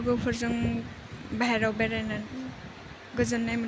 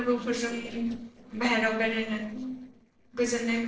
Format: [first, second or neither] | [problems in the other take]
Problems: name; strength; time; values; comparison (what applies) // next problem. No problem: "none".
first | noise reduction (neural separator model SepFormer DNS4)